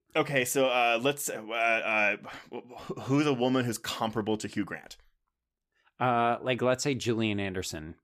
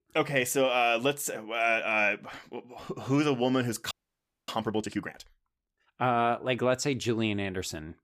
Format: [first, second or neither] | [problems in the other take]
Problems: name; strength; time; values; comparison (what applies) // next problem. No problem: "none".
first | audio freezing; at 4 s for 0.5 s